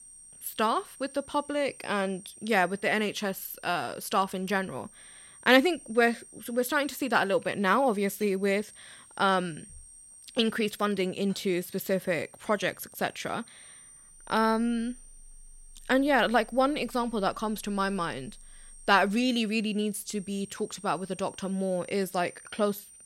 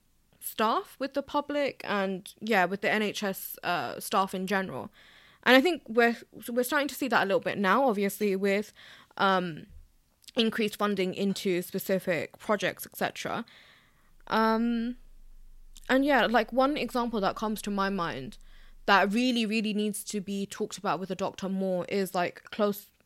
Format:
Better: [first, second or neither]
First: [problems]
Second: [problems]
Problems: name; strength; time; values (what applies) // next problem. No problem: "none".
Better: second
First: high-pitched whine; faint; throughout; 8.5 kHz, 20 dB below the speech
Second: none